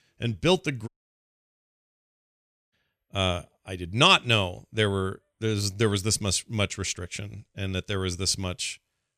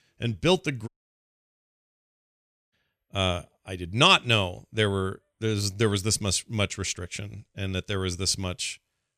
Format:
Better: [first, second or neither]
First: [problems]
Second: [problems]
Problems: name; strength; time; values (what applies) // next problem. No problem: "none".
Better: neither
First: audio cutting out; at 1 s for 2 s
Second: audio cutting out; at 1 s for 2 s